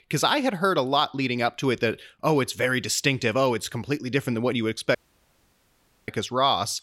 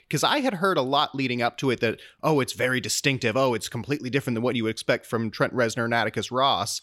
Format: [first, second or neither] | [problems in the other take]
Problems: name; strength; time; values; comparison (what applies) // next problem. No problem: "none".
second | audio cutting out; at 5 s for 1 s